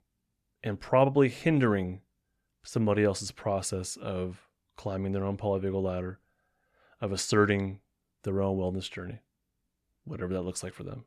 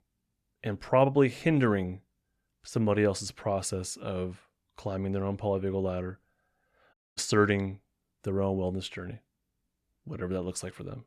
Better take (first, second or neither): first